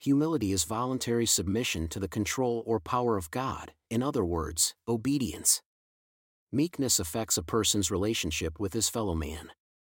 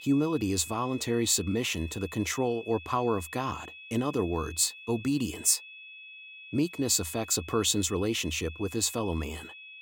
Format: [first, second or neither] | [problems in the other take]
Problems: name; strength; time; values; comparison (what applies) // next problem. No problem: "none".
first | high-pitched whine; noticeable; throughout; 2.5 kHz, 15 dB below the speech